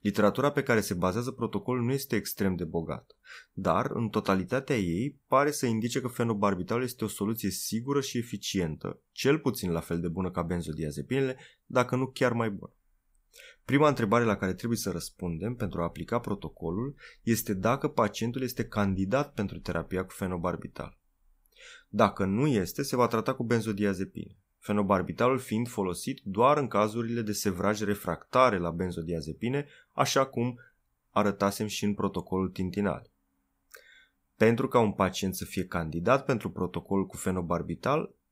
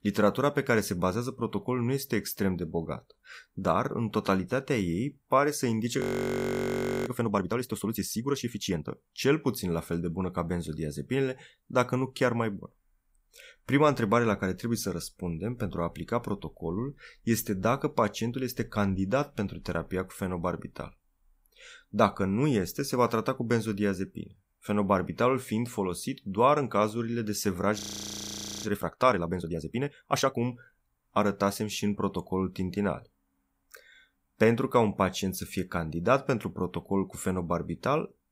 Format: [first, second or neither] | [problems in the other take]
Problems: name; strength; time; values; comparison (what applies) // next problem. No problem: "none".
first | audio freezing; at 6 s for 1 s and at 28 s for 1 s